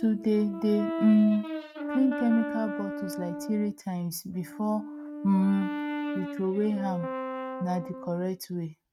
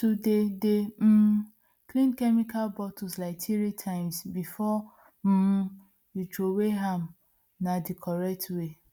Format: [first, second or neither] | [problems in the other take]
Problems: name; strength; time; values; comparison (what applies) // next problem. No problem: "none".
second | noise reduction (neural mask model RNNoise)